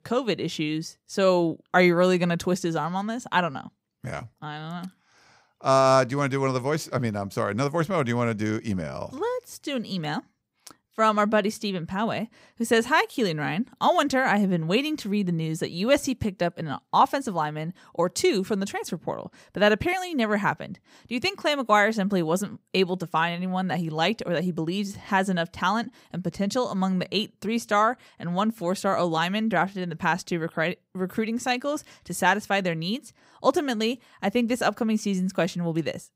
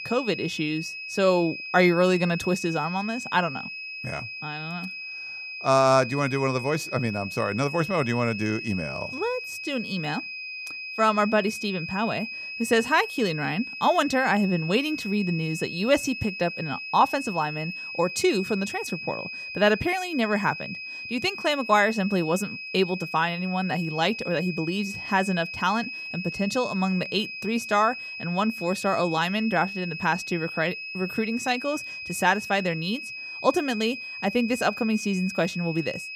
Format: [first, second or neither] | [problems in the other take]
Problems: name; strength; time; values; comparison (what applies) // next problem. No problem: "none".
first | high-pitched whine; loud; throughout; 2.5 kHz, 8 dB below the speech